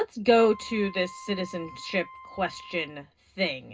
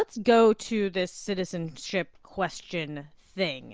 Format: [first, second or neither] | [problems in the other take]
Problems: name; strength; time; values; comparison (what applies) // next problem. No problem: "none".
second | background sound (Wind instrument, woodwind instrument); 18 dB below the speech // room echo; dies away in 0.2 s